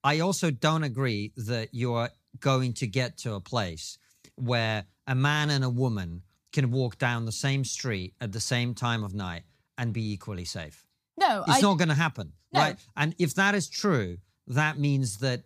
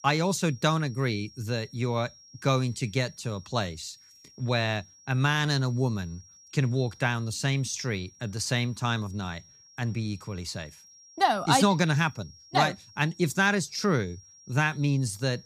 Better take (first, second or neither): first